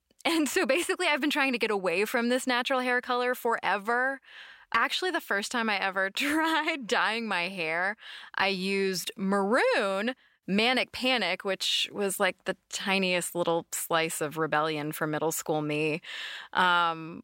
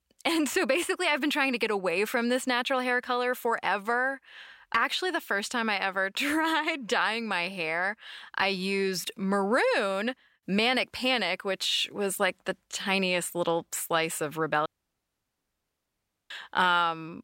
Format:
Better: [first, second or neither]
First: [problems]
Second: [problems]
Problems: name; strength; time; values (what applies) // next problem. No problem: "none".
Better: first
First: none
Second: audio cutting out; at 15 s for 1.5 s